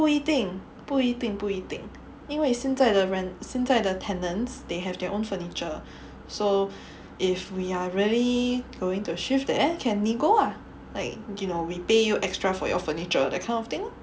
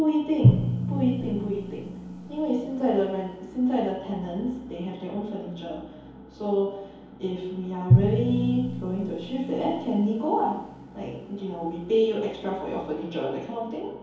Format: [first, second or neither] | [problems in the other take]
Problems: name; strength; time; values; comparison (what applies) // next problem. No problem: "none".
first | background sound (Drum); 2 dB below the speech // room echo; dies away in 2.2 s